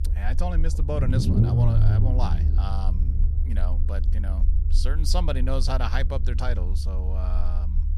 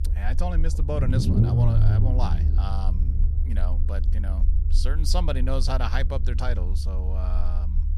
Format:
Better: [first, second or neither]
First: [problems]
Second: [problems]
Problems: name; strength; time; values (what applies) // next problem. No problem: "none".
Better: neither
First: low rumble; loud; throughout; 5 dB below the speech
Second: low rumble; loud; throughout; 5 dB below the speech